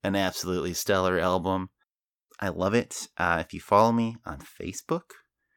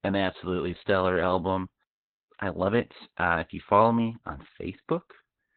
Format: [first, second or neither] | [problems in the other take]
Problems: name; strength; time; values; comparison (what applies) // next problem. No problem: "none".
first | garbled, watery; badly; nothing above 4 kHz